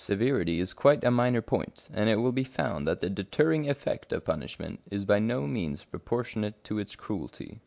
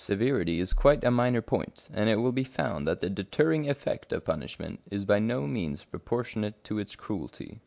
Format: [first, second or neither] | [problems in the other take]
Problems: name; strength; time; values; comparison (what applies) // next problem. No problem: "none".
first | background sound (Bass drum); 4 dB below the speech